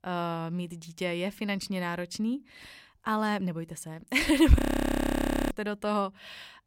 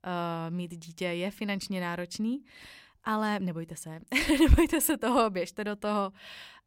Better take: second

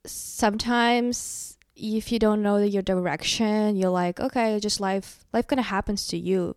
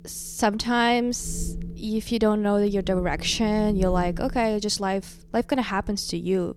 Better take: first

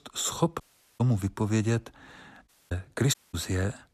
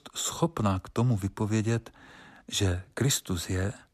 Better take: second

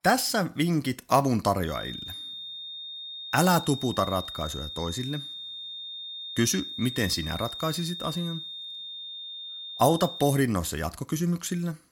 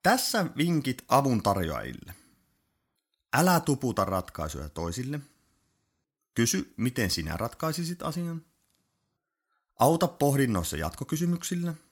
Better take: second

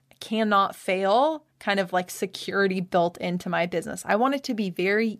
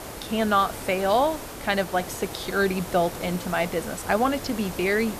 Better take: first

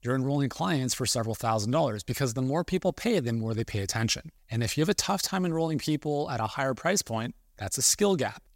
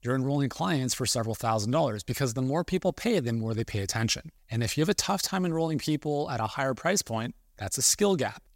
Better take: neither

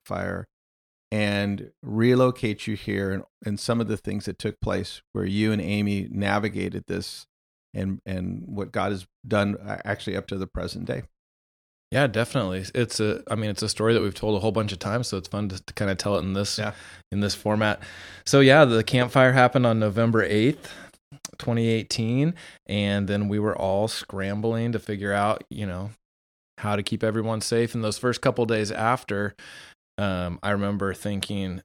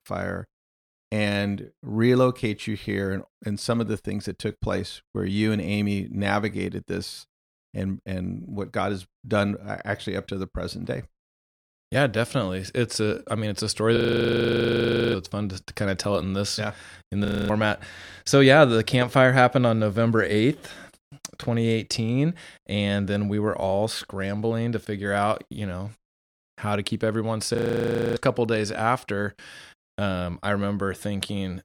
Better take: first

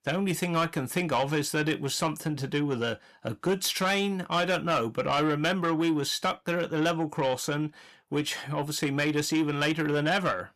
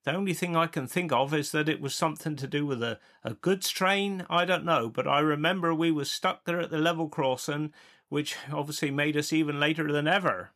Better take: second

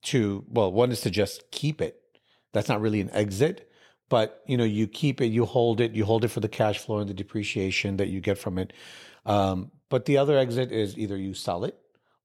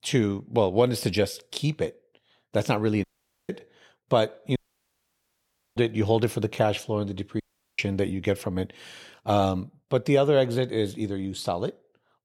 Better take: first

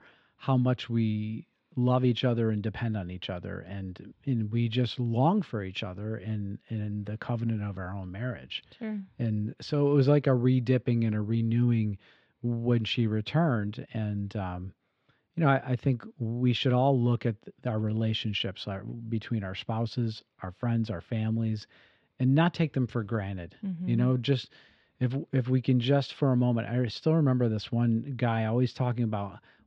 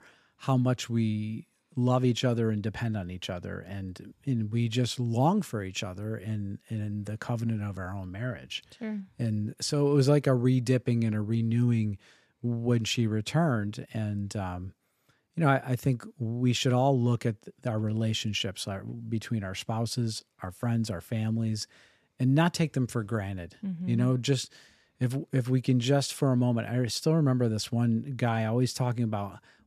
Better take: second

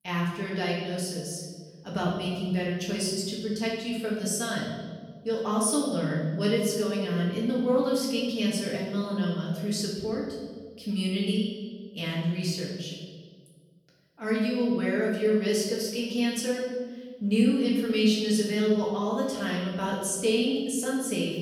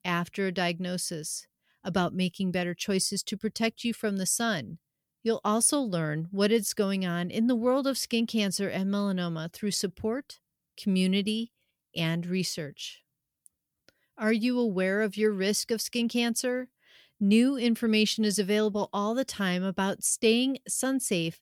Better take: second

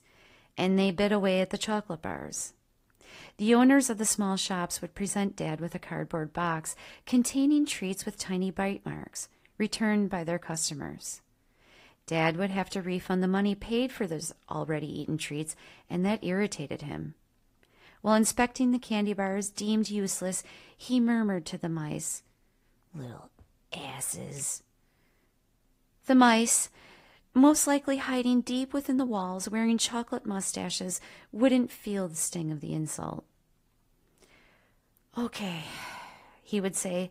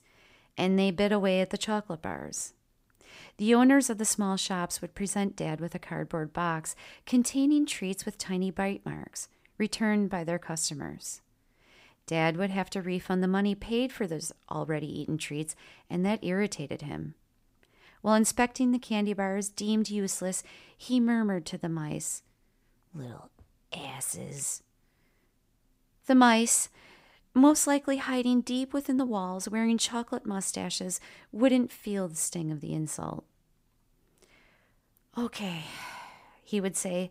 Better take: second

